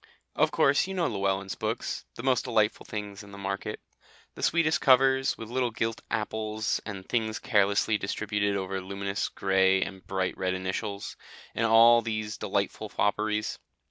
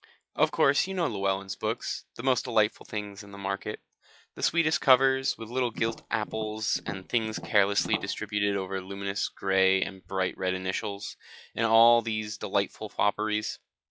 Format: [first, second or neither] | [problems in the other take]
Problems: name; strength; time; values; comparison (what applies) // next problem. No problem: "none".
first | noise reduction (classical method log-MMSE)